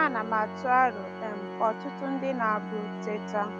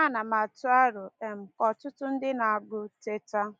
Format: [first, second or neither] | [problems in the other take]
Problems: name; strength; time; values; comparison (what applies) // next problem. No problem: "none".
second | background sound (Organ); 8 dB below the speech